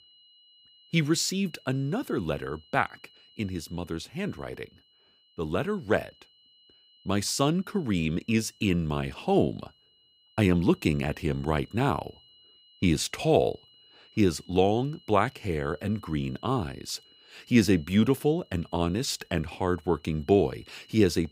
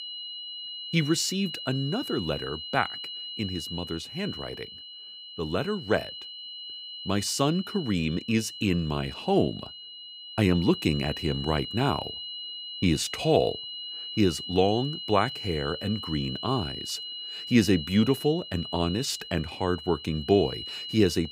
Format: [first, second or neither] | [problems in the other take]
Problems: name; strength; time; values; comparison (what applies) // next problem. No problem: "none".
first | high-pitched whine; loud; throughout; 3 kHz, 9 dB below the speech; faint in the first